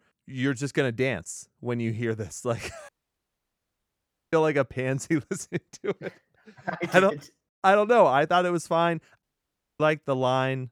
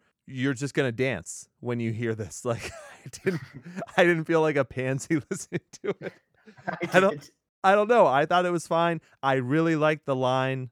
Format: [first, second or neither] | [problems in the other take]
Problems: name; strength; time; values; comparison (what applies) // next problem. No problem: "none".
second | audio cutting out; at 3 s for 1.5 s and at 9 s for 0.5 s